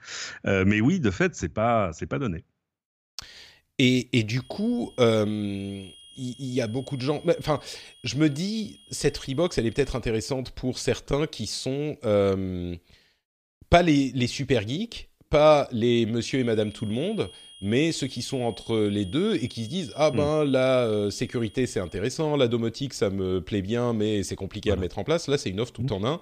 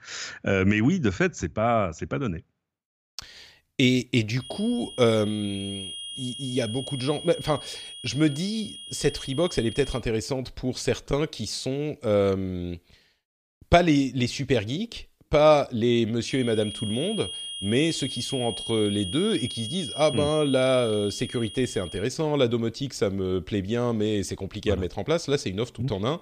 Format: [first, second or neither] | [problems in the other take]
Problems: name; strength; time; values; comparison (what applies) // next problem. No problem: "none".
first | high-pitched whine; loud; from 4.5 to 10 s and from 16 to 22 s; 3.5 kHz, 9 dB below the speech; faint in the first